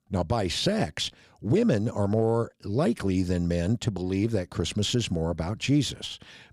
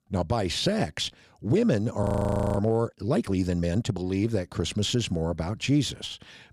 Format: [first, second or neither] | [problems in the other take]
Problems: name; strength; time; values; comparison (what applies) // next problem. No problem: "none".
first | audio freezing; at 2 s for 0.5 s